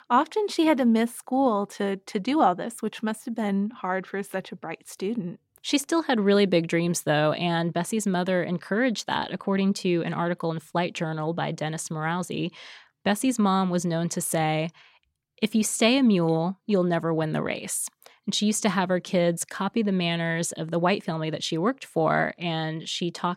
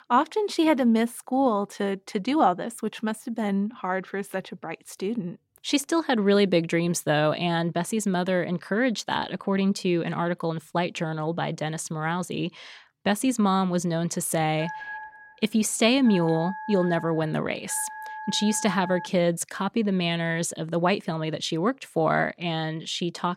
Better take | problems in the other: first | phone ringing; noticeable; from 15 to 19 s; peak 10 dB below the speech

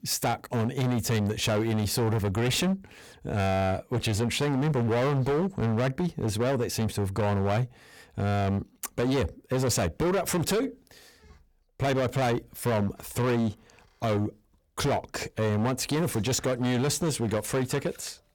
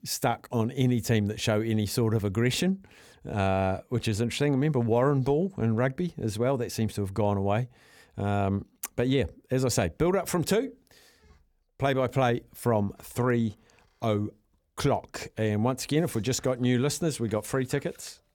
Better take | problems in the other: second | distortion; heavy; 20% of the sound clipped

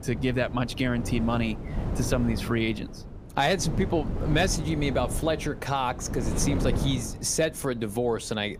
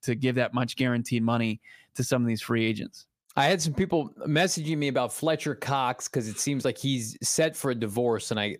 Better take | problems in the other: second | wind noise on the microphone; occasional gusts; 10 dB below the speech

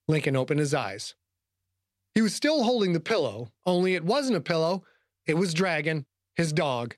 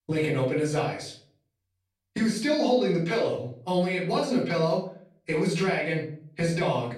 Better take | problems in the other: first | room echo; slight; dies away in 0.4 s // off-mic speech; far

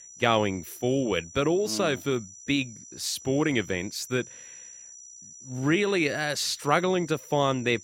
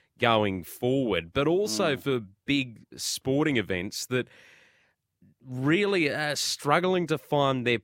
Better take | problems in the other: second | high-pitched whine; noticeable; throughout; 6 kHz, 15 dB below the speech

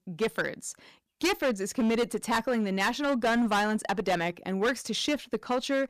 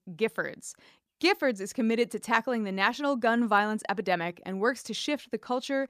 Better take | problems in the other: second | distortion; heavy; 12% of the sound clipped

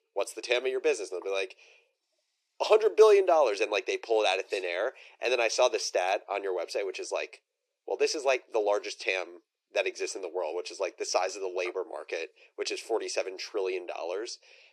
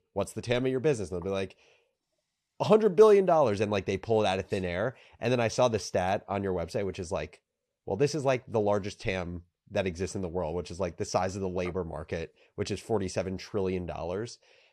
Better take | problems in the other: second | thin; very; fading below 350 Hz

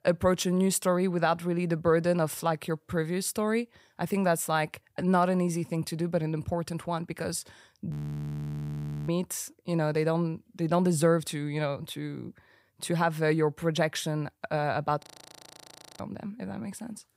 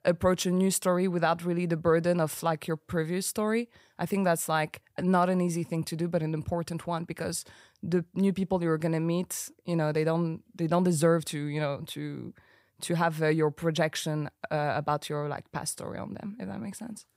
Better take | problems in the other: second | audio freezing; at 8 s for 1 s and at 15 s for 1 s

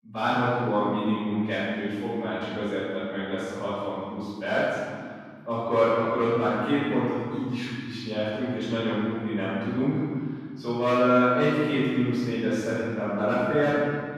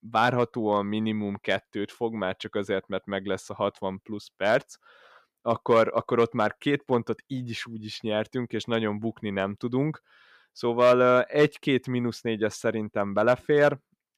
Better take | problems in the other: second | room echo; strong; dies away in 1.9 s // off-mic speech; far

